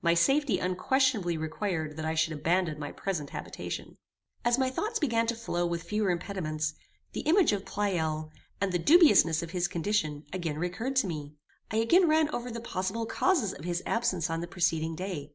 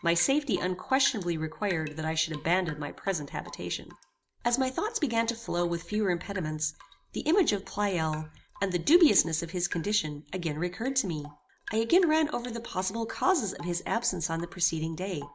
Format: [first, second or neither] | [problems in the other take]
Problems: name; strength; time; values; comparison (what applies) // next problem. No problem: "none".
first | background sound (Drip / Rain); 20 dB below the speech